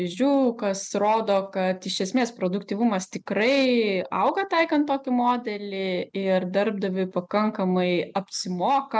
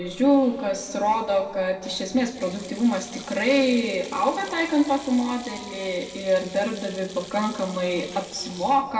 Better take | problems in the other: first | background sound (Sink (filling or washing)); 19 dB below the speech // room echo; dies away in 1.8 s

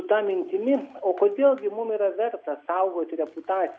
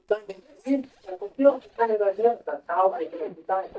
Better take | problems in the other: first | noise reduction (neural mask model DeepFilterNet 3)

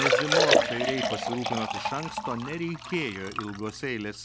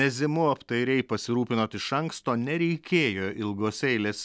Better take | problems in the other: second | background sound (Liquid); 4 dB above the speech

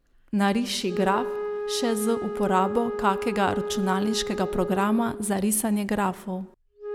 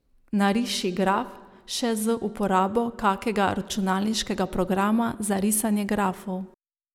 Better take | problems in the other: second | background sound (Wind instrument, woodwind instrument); 7 dB below the speech

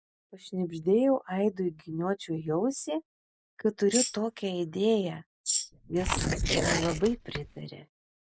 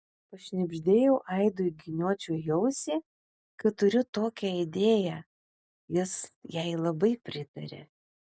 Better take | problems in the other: second | noise reduction (neural mask model Resemble Enhance denoiser)

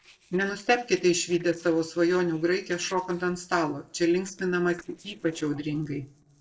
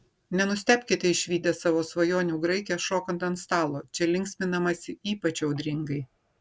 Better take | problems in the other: second | noise reduction (neural separator model SepFormer DNS4)

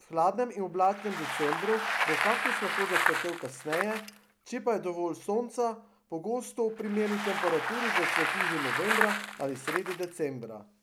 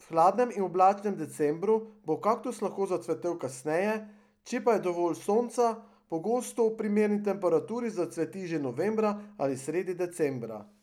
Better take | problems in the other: second | background sound (Bicycle); 1 dB below the speech

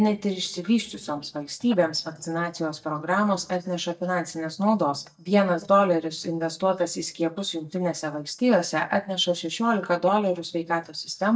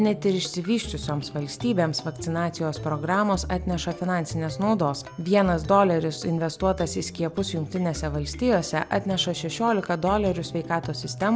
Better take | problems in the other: second | noise reduction (neural mask model DeepFilterNet 3)

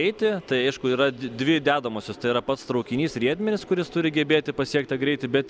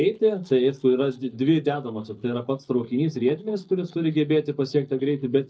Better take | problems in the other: first | noise reduction (neural mask model DeepFilterNet 3)

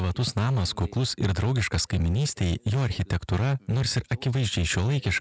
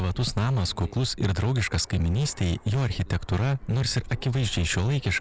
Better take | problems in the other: first | background sound (Fixed-wing aircraft, airplane); 17 dB below the speech

